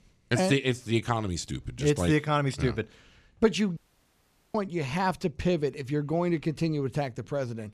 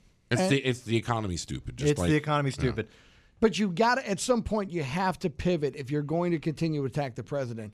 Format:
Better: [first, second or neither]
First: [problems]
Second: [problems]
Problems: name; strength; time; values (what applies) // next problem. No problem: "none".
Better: second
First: audio cutting out; at 4 s for 1 s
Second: none